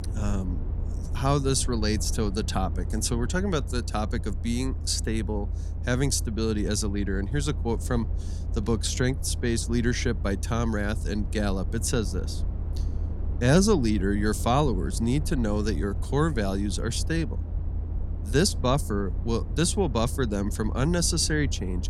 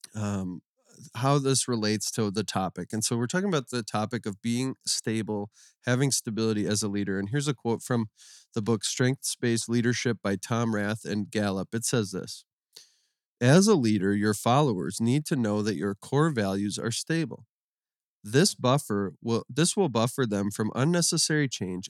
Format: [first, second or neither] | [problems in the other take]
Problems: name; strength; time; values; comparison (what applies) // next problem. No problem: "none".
second | low rumble; noticeable; throughout; 15 dB below the speech